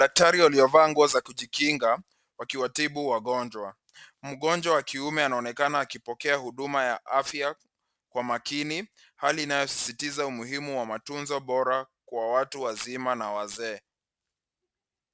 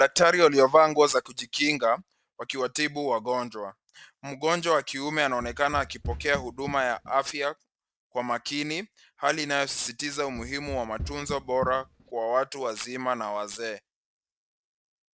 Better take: first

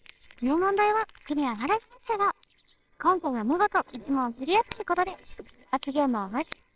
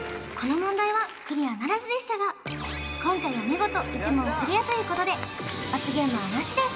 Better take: second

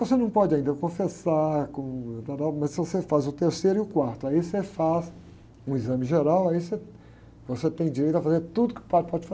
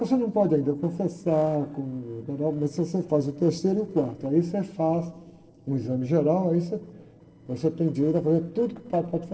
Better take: first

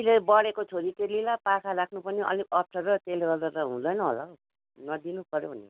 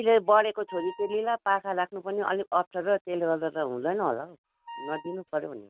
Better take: first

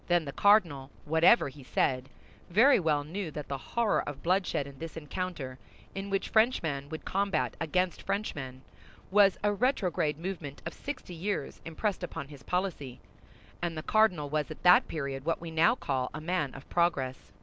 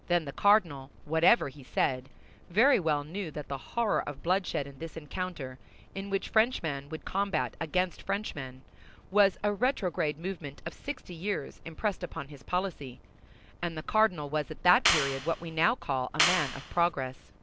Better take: first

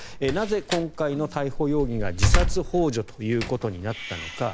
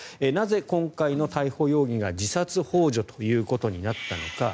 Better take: second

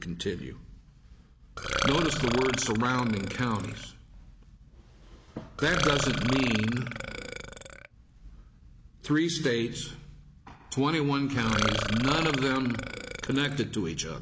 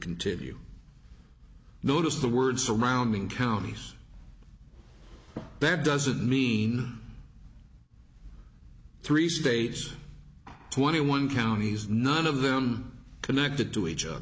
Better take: second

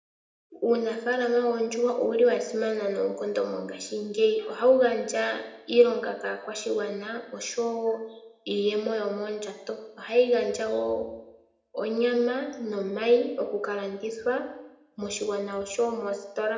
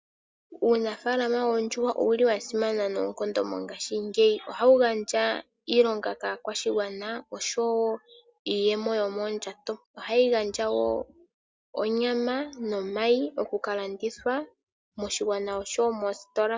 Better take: second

